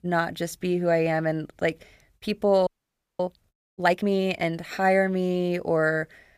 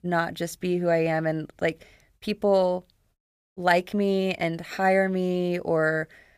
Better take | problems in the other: second | audio freezing; at 2.5 s for 0.5 s

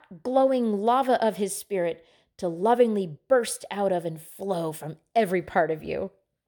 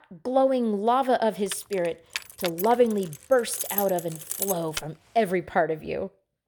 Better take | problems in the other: first | jangling keys; noticeable; from 1.5 to 5 s; peak 2 dB below the speech

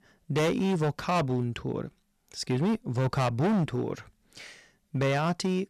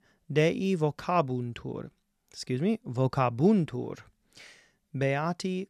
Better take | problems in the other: second | distortion; heavy; 12% of the sound clipped

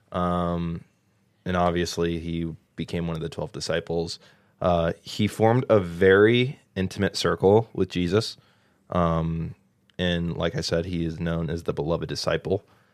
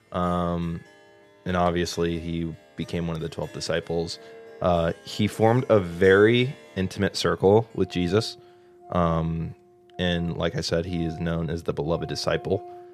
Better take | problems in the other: first | background music; faint; throughout; 20 dB below the speech

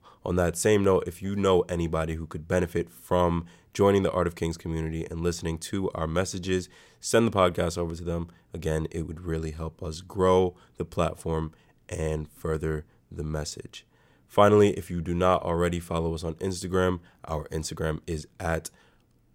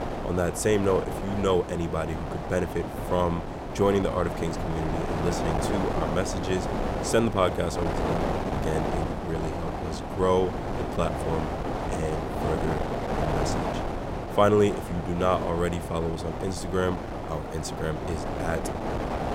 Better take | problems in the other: first | wind noise on the microphone; heavy; 3 dB below the speech

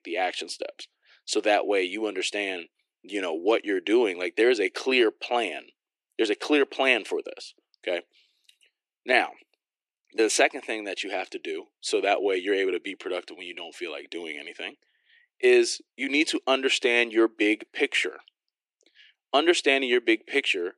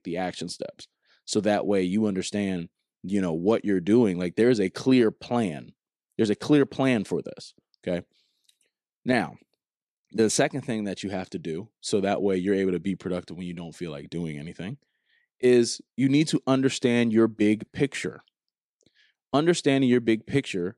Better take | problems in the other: second | thin; very; fading below 350 Hz

